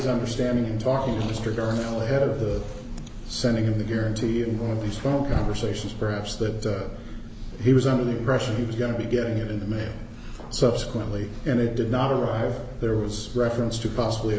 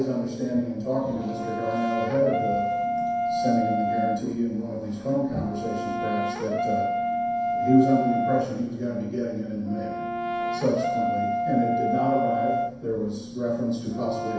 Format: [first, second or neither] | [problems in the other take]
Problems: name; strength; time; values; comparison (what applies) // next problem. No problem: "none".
first | background sound (Brass instrument); 2 dB below the speech // room echo; dies away in 0.6 s